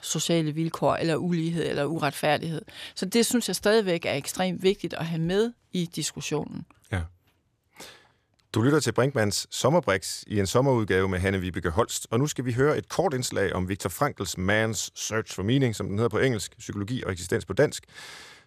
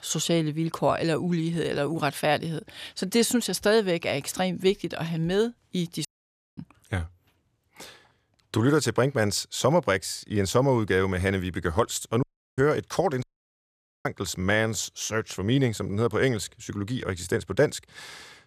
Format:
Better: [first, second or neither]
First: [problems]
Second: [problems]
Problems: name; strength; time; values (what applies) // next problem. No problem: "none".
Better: first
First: none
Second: audio cutting out; at 6 s for 0.5 s, at 12 s and at 13 s for 1 s